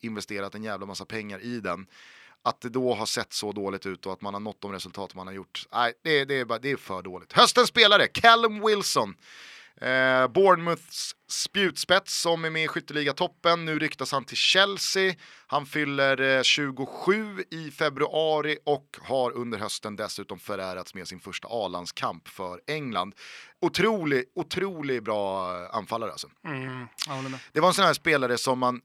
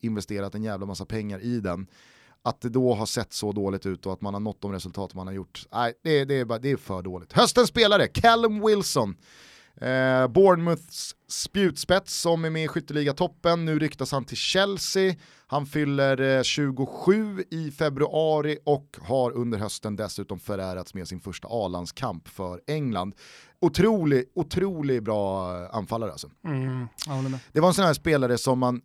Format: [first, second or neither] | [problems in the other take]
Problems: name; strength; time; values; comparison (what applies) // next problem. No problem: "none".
second | thin; very slightly; fading below 300 Hz